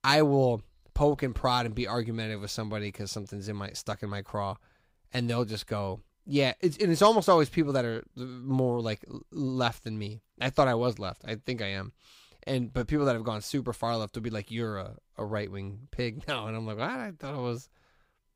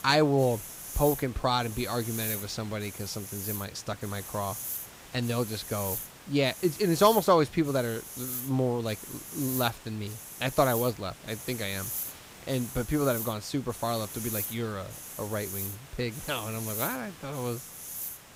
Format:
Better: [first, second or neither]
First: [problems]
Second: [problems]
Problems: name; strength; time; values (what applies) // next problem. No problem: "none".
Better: first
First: none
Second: hiss; loud; throughout; 7 dB below the speech